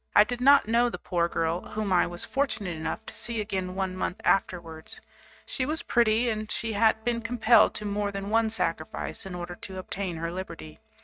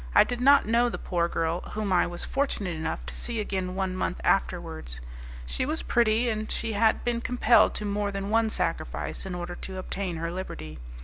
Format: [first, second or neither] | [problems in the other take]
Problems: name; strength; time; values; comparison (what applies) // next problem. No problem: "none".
second | noise reduction (neural mask model RNNoise)